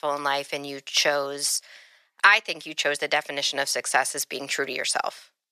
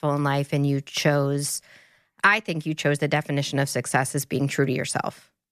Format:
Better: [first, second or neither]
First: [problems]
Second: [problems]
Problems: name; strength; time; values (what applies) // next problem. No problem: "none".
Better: second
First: thin; very; fading below 650 Hz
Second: none